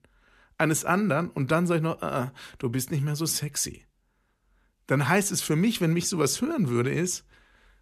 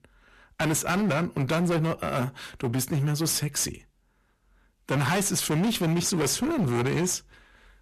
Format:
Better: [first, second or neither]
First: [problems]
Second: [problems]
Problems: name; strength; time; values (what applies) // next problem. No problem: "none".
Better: first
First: none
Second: distortion; heavy; 20% of the sound clipped